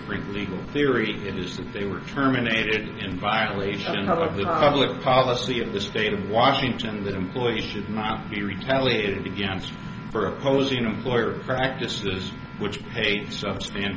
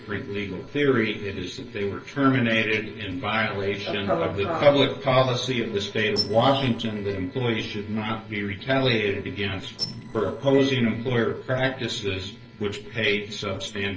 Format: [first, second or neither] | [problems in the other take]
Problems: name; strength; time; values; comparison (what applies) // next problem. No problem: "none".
first | noise reduction (neural separator model SepFormer DNS4)